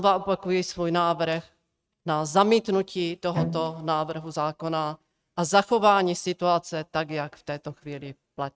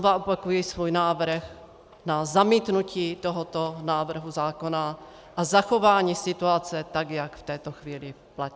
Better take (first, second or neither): second